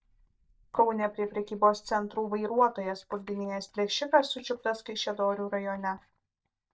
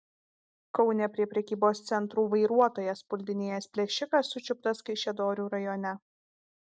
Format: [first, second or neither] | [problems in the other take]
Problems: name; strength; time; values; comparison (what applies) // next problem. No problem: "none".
second | noise reduction (neural mask model DeepFilterNet 3)